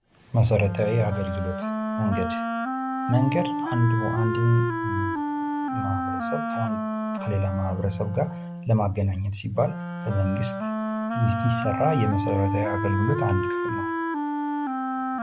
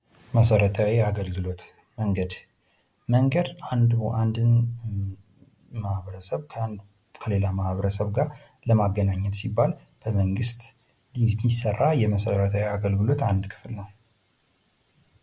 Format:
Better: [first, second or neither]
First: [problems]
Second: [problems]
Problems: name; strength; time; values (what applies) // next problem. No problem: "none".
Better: second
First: background sound (Wind instrument, woodwind instrument); 3 dB below the speech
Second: none